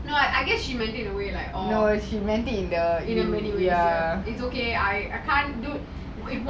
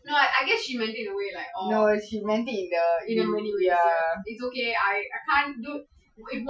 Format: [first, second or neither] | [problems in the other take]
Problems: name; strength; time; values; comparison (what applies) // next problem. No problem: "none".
first | noise reduction (classical method Wiener filter)